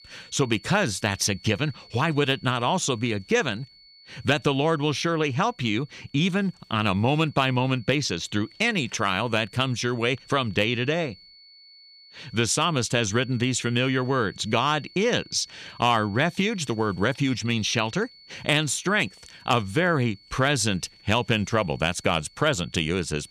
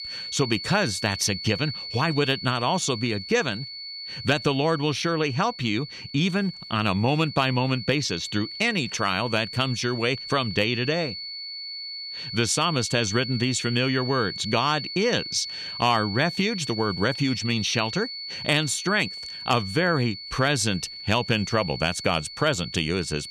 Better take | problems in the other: first | high-pitched whine; loud; throughout; 4.5 kHz, 9 dB below the speech; faint in the first

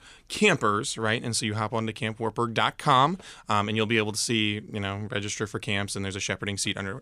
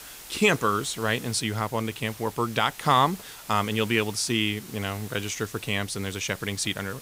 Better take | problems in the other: first | hiss; noticeable; throughout; 15 dB below the speech

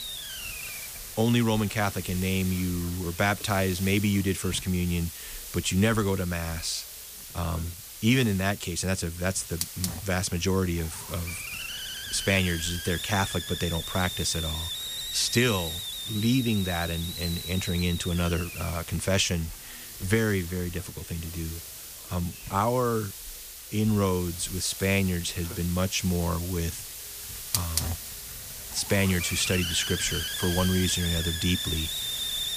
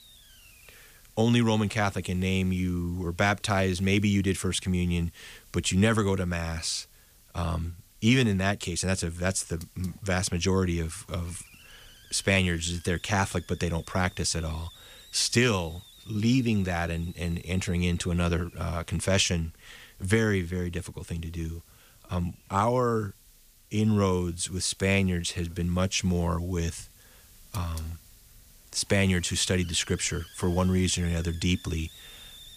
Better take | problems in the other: second | hiss; loud; throughout; 6 dB below the speech; faint in the second

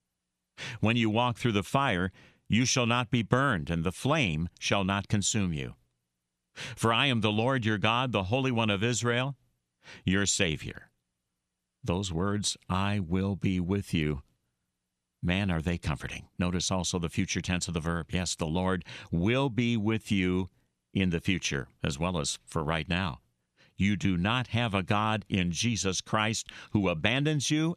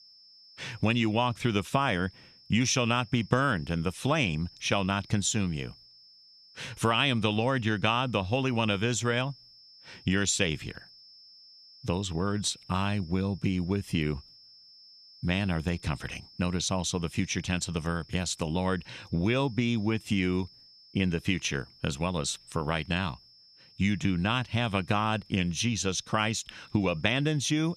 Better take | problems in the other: first | high-pitched whine; faint; throughout; 5.5 kHz, 25 dB below the speech

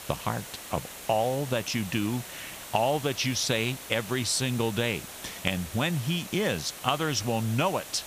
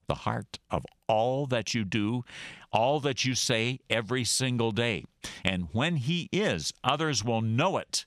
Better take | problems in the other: second | hiss; noticeable; throughout; 10 dB below the speech

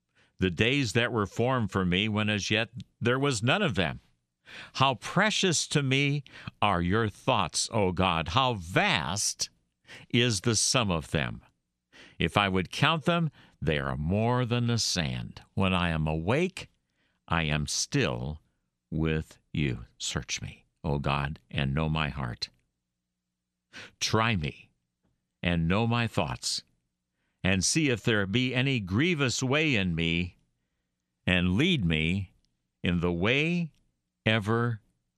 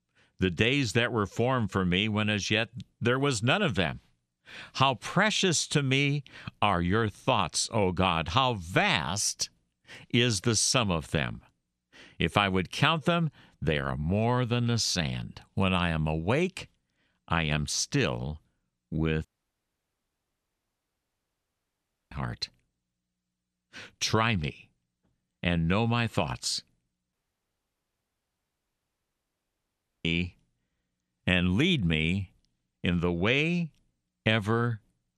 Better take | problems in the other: first | audio cutting out; at 19 s for 3 s and at 27 s for 3 s

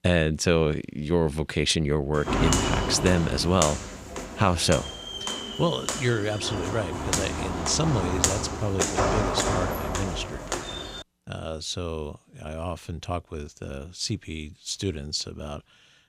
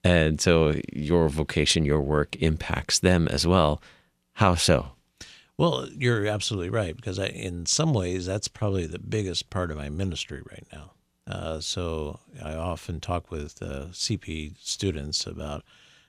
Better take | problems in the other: second | footsteps; loud; from 2.5 to 11 s; peak 4 dB above the speech

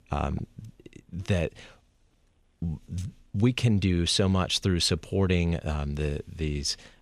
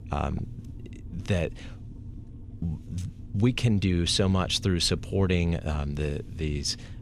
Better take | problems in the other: first | low rumble; faint; throughout; 25 dB below the speech

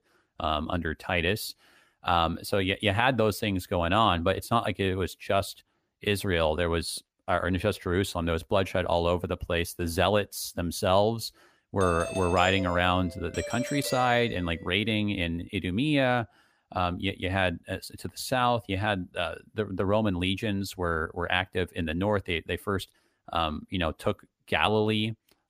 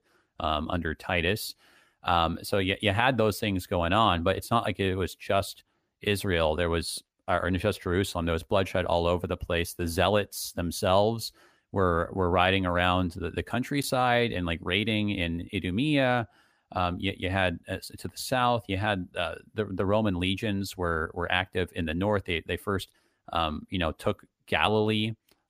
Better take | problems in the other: second | doorbell; noticeable; from 12 to 15 s; peak 7 dB below the speech

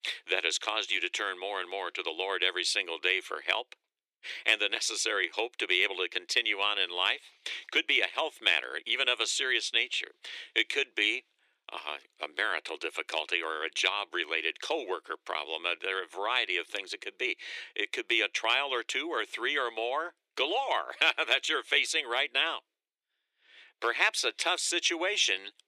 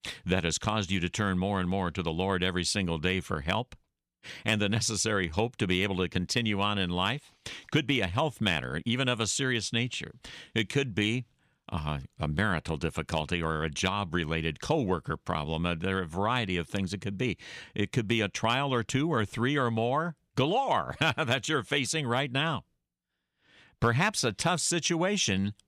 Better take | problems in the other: second | thin; very; fading below 350 Hz

